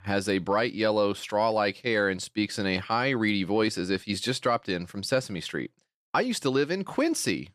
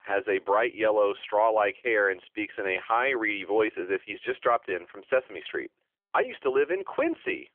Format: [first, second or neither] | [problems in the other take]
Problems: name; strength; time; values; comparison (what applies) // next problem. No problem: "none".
first | phone-call audio; nothing above 3.5 kHz